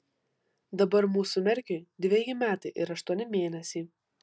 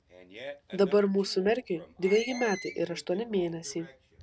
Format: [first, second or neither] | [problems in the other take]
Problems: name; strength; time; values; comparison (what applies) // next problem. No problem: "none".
first | background sound (Screech + Fart); 16 dB below the speech